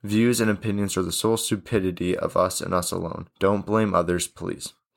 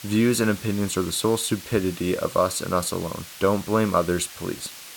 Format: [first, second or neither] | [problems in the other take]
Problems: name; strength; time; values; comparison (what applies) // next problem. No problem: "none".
first | hiss; noticeable; throughout; 15 dB below the speech